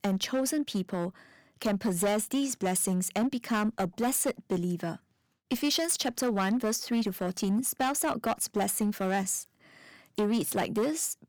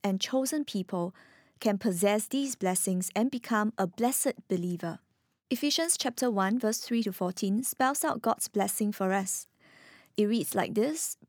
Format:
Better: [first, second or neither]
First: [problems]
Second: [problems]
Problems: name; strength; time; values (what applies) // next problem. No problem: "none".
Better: second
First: distortion; slight; 9% of the sound clipped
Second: none